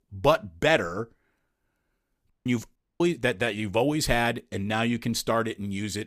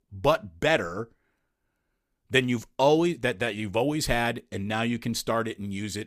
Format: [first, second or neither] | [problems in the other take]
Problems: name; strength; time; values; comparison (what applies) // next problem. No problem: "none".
second | audio cutting out; at 2.5 s and at 3 s